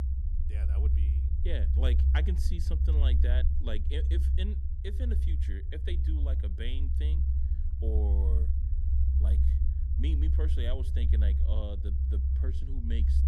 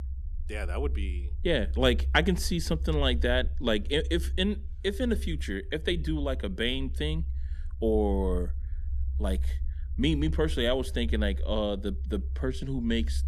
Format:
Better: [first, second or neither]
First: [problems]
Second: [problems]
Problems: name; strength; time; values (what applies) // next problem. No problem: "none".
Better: second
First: low rumble; loud; throughout; 3 dB below the speech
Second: low rumble; faint; throughout; 25 dB below the speech